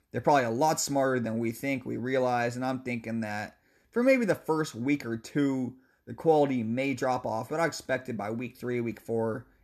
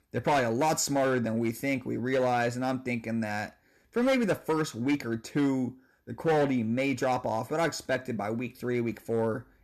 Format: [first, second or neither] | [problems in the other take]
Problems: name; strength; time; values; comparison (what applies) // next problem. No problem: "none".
first | distortion; slight; 6% of the sound clipped